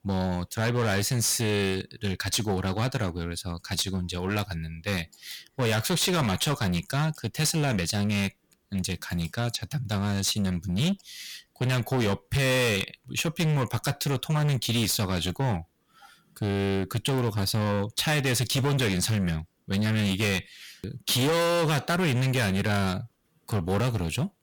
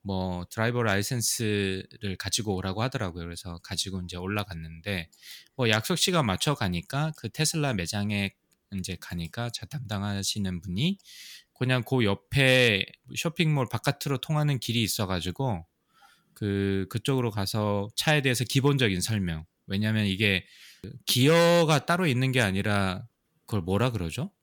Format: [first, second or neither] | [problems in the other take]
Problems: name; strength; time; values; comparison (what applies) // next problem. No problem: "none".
second | distortion; heavy; 18% of the sound clipped